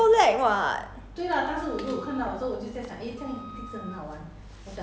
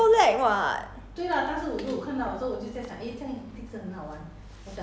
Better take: second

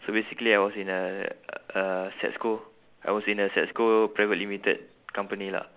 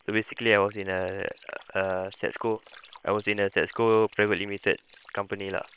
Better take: first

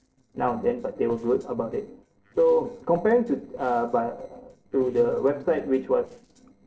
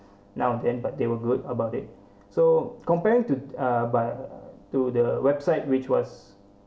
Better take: second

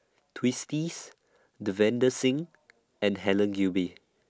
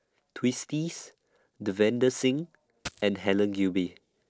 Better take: first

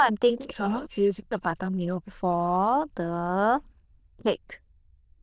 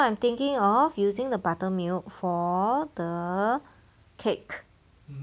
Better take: second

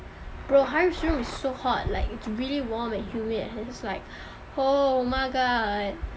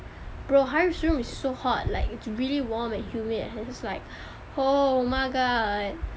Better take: second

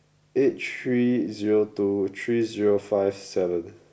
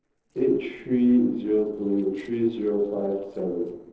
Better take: first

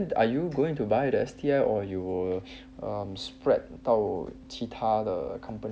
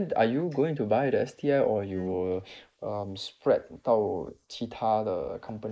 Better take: first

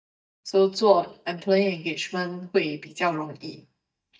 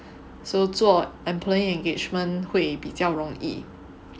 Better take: second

